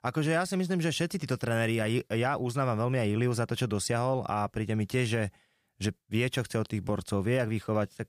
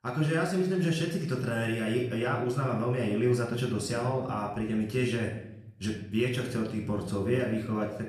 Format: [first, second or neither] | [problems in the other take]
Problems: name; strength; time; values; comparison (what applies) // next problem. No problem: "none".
first | off-mic speech; far // room echo; noticeable; dies away in 0.7 s